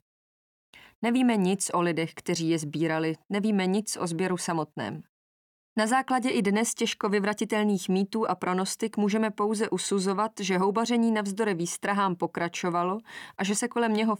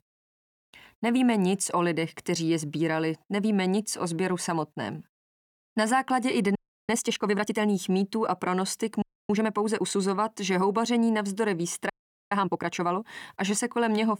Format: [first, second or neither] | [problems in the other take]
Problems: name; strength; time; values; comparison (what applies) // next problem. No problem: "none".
first | audio freezing; at 6.5 s, at 9 s and at 12 s